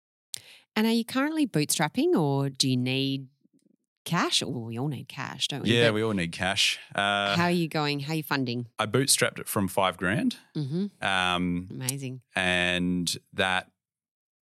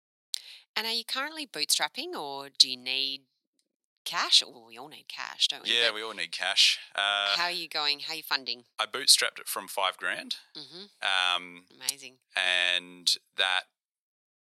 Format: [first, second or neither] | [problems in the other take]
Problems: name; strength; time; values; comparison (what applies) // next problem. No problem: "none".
first | thin; very; fading below 750 Hz